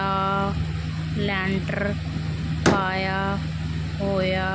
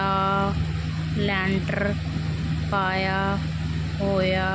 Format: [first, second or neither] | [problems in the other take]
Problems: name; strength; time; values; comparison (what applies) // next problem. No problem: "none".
second | background sound (Slam); 7 dB below the speech